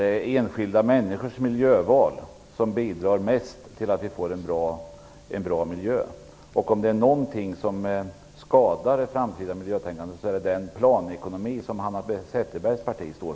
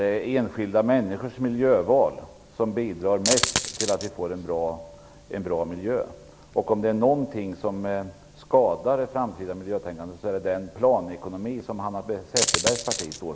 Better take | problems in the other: first | background sound (Coin (dropping)); as loud as the speech

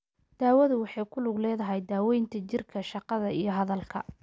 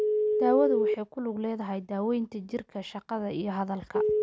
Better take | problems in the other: first | background sound (Telephone); 1 dB above the speech

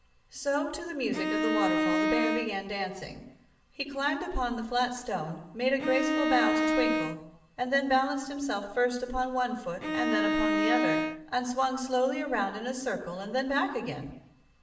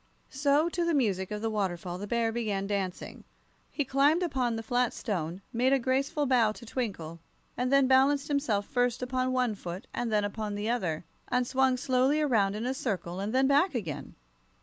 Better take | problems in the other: second | background sound (Bowed string instrument); 3 dB above the speech // room echo; dies away in 0.8 s

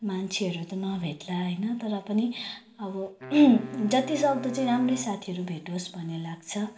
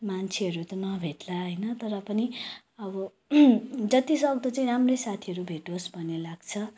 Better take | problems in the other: second | background sound (Wind instrument, woodwind instrument); 16 dB below the speech // room echo; dies away in 1.2 s

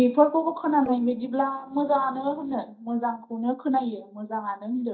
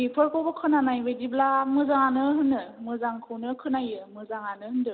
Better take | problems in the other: second | noise reduction (neural mask model DeepFilterNet 3)

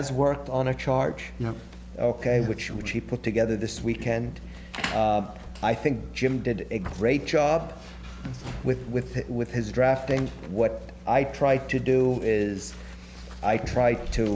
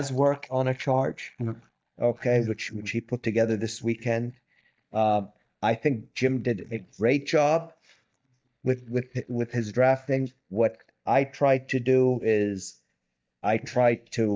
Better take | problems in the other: first | noise reduction (neural mask model DeepFilterNet 3)

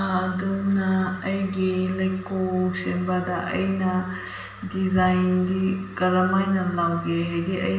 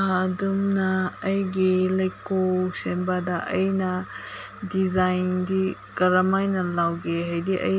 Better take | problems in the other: second | room echo; dies away in 1 s

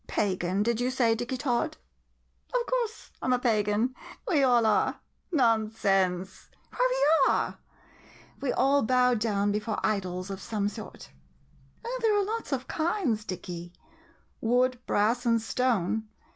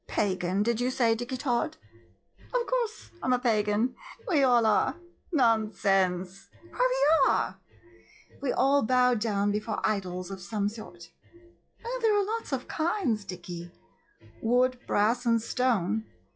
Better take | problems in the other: first | noise reduction (classical method log-MMSE)

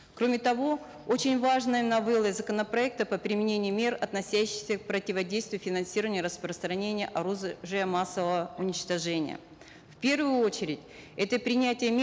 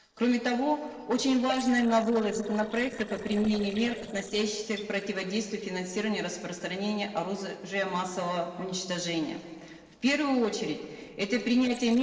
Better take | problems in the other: first | noise reduction (neural separator model SepFormer DNS4)

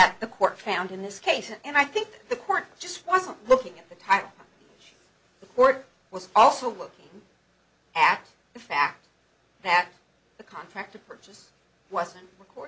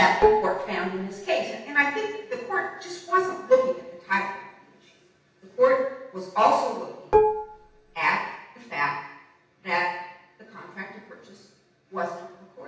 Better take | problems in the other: first | background sound (Dishes, pots, and pans); 2 dB above the speech // room echo; dies away in 0.9 s

